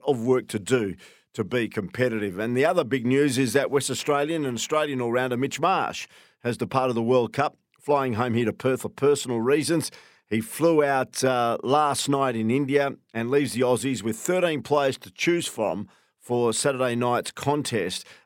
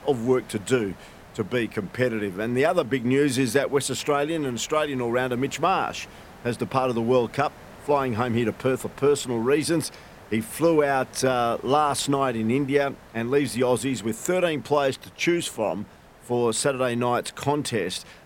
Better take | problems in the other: first | hiss; faint; throughout; 25 dB below the speech

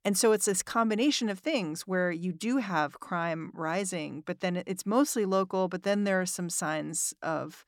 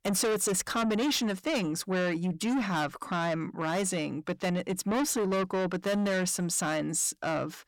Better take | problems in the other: first | distortion; heavy; 7 dB below the speech

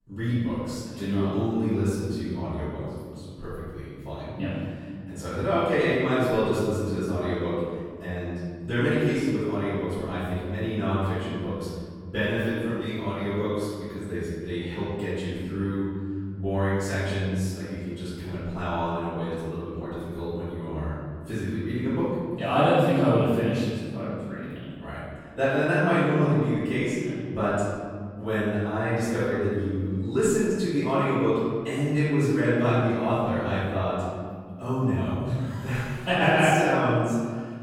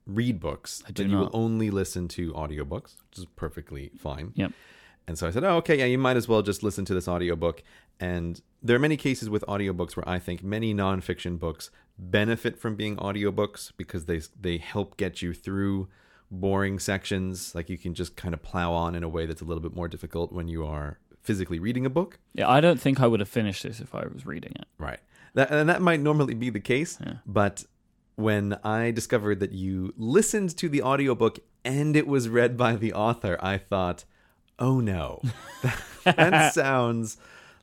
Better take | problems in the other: second | room echo; strong; dies away in 1.9 s // off-mic speech; far

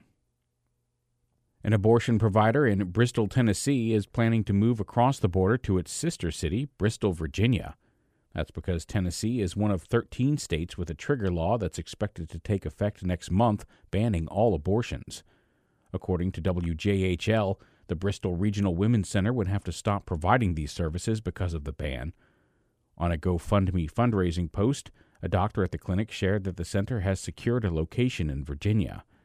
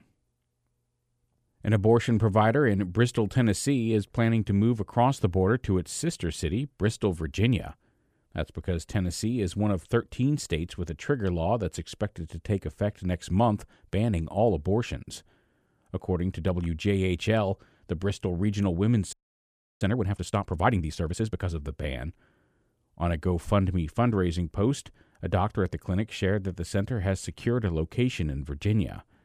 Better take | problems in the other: first | audio freezing; at 19 s for 0.5 s

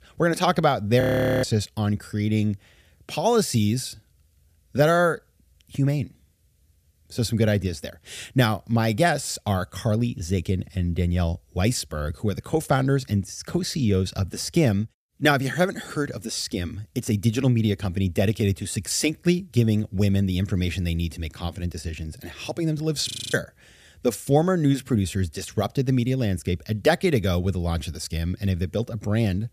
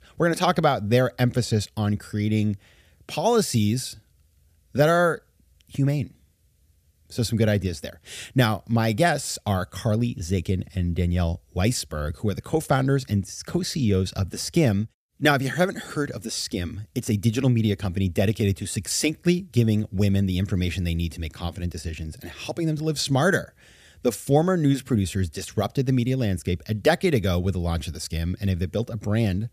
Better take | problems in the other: second | audio freezing; at 1 s and at 23 s

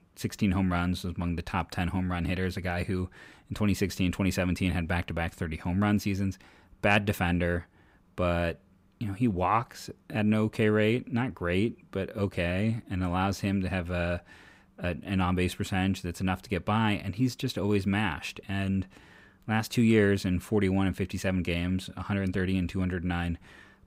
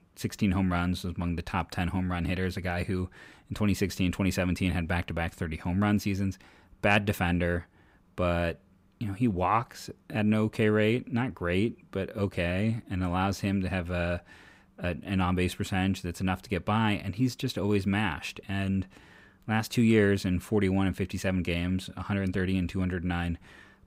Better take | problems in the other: neither | none

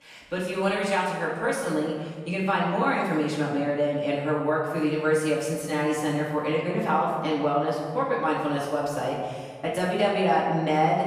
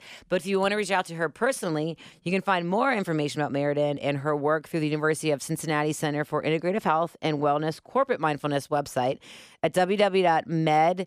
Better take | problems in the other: second | off-mic speech; far // room echo; noticeable; dies away in 1.3 s

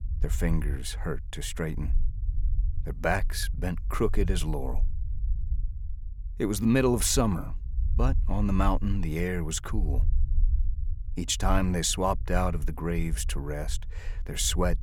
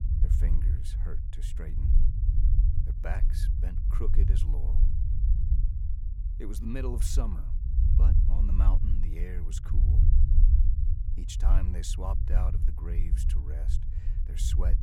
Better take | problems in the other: first | low rumble; loud; throughout; 3 dB below the speech; faint in the first

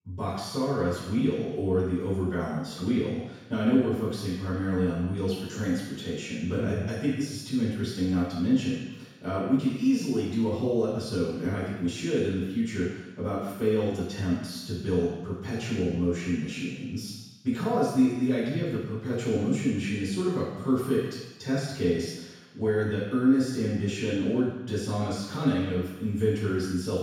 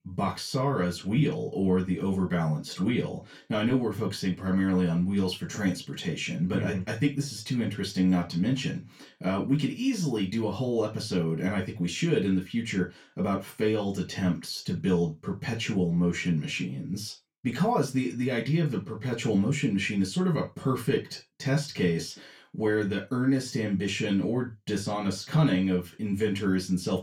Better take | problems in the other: second | room echo; strong; dies away in 1.1 s; slight in the second // off-mic speech; far; far in the second

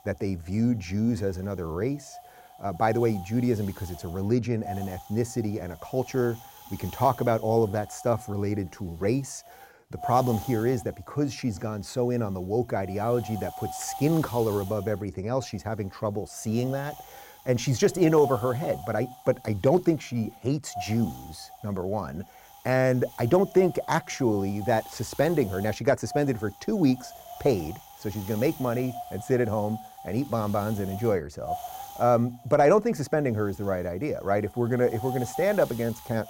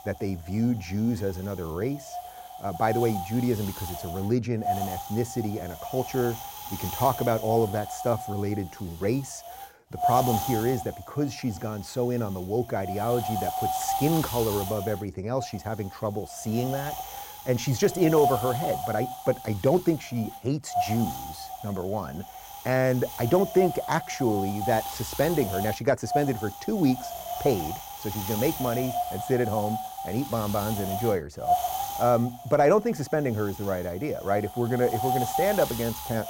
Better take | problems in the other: first | wind noise on the microphone; heavy; 3 dB below the speech; occasional gusts in the first

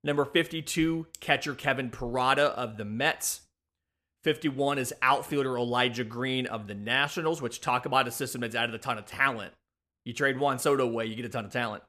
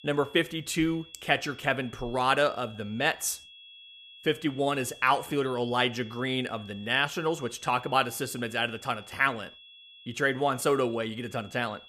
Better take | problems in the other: first | high-pitched whine; noticeable; throughout; 3.5 kHz, 20 dB below the speech

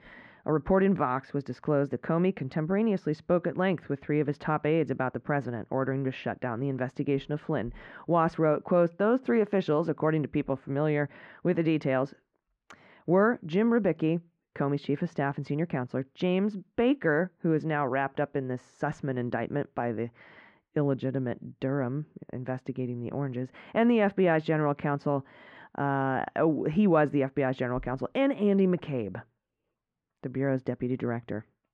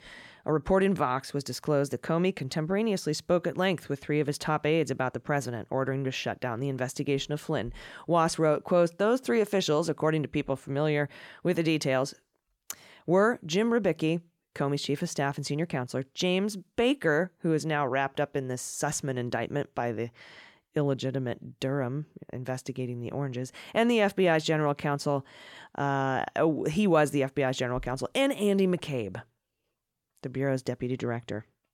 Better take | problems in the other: second | muffled; very; fading above 2 kHz

